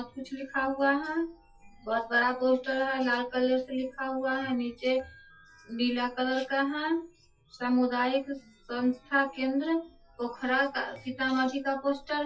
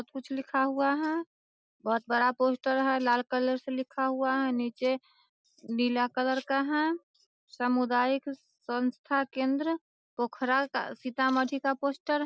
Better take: second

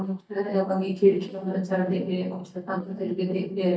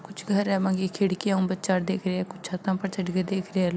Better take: second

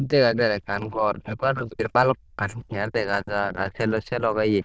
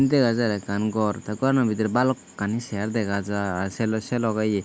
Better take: second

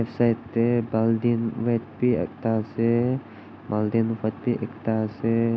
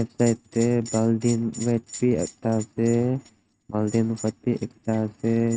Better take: first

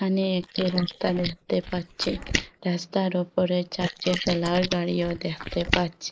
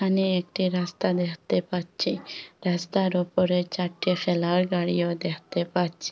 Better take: second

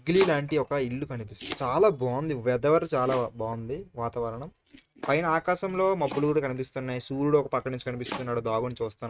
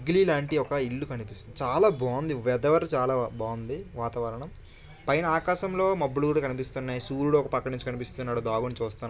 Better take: second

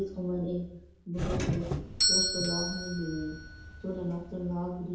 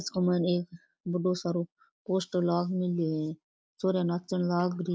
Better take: second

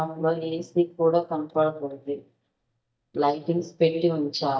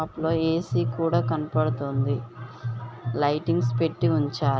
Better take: second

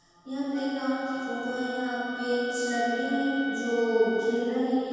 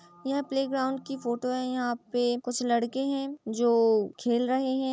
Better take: second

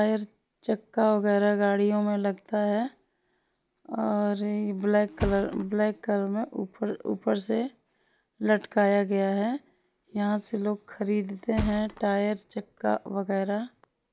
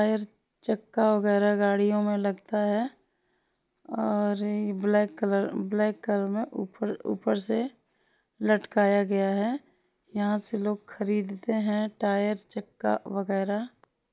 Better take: second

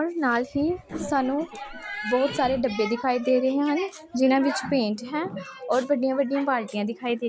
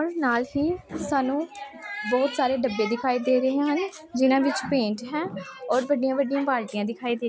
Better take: second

